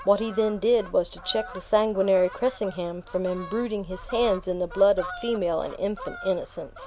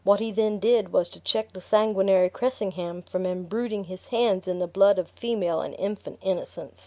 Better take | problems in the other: second | background sound (Fowl); 15 dB below the speech

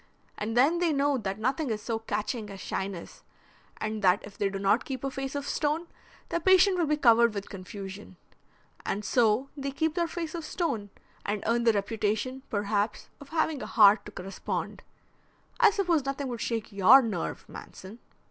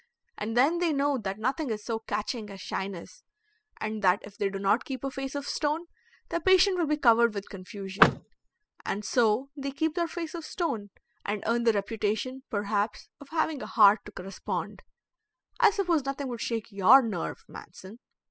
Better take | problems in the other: first | noise reduction (classical method spectral subtraction)

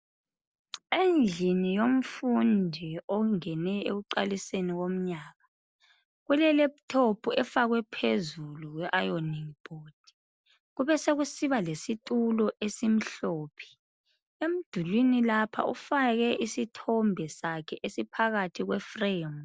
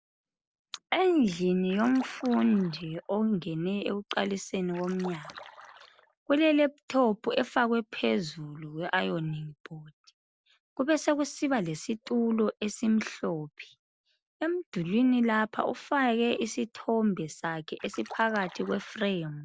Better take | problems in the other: first | background sound (Splash, splatter); 18 dB below the speech

